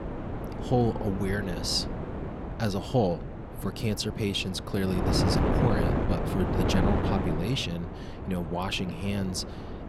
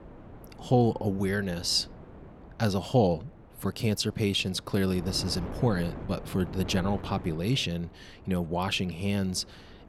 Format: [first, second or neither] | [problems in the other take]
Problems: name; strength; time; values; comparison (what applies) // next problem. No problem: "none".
second | wind noise on the microphone; heavy; 3 dB below the speech; occasional gusts in the second